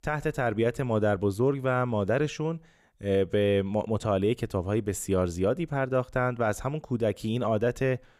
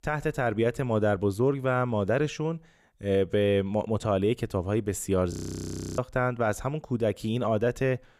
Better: first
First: none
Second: audio freezing; at 5.5 s for 0.5 s

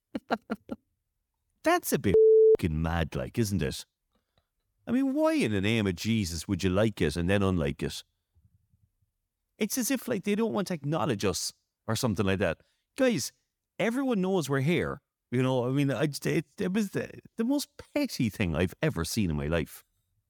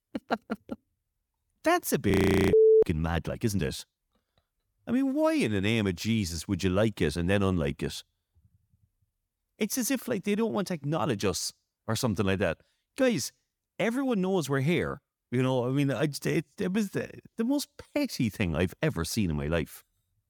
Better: first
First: none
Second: audio freezing; at 2 s

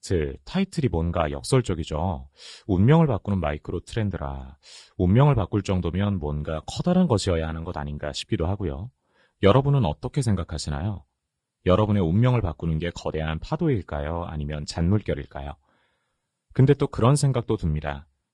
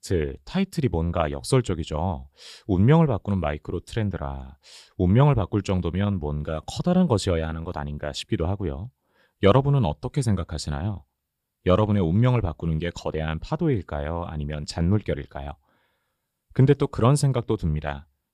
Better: second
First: garbled, watery; slightly; nothing above 10.5 kHz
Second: none

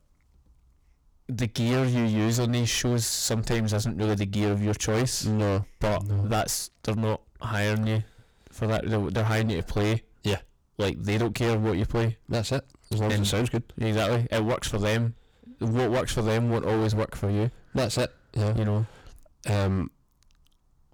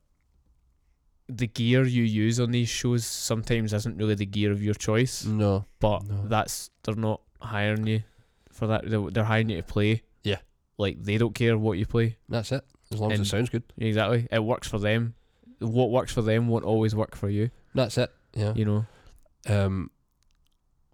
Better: second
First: distortion; heavy; 21% of the sound clipped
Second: none

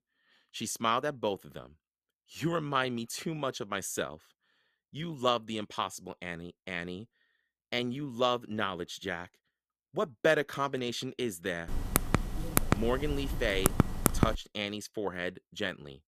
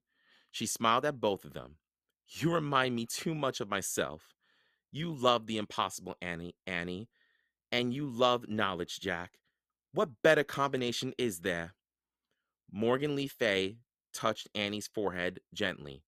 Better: second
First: keyboard typing; loud; from 12 to 14 s; peak 5 dB above the speech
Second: none

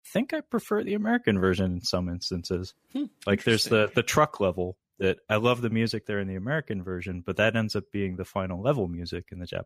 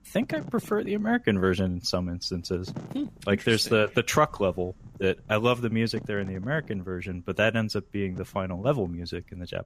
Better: first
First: none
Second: wind noise on the microphone; occasional gusts; 25 dB below the speech

